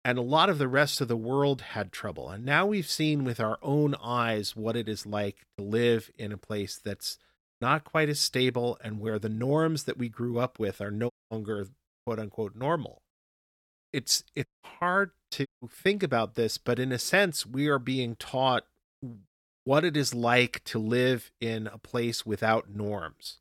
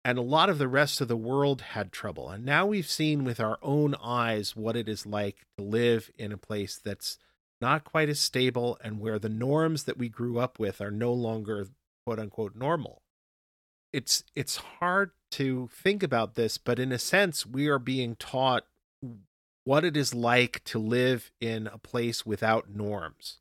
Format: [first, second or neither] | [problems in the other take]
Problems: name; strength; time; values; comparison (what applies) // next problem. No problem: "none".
second | audio cutting out; at 11 s, at 14 s and at 15 s